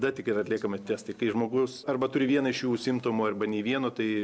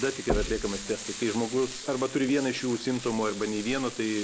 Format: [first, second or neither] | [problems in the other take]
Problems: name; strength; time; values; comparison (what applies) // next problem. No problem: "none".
first | background sound (Frying (food) + Knock); 8 dB below the speech